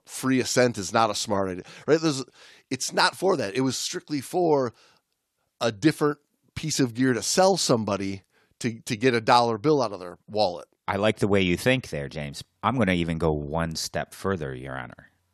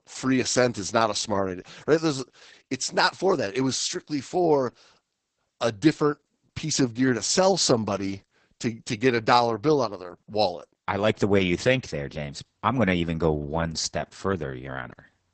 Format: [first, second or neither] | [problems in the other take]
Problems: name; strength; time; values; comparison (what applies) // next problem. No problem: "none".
first | garbled, watery; badly; nothing above 8 kHz